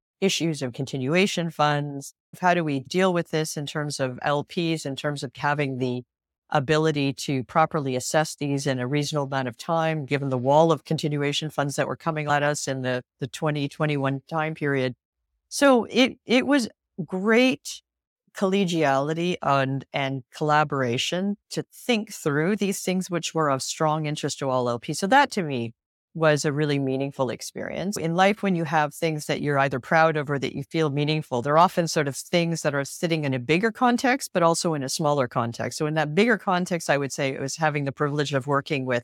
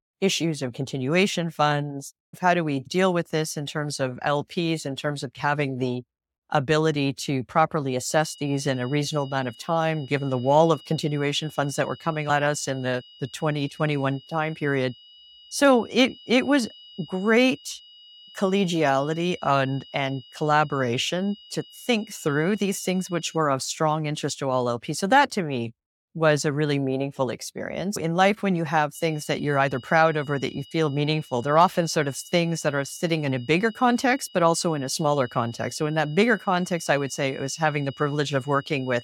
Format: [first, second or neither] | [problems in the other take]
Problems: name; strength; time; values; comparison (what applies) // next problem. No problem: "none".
first | high-pitched whine; faint; from 8.5 to 23 s and from 29 s on; 3 kHz, 20 dB below the speech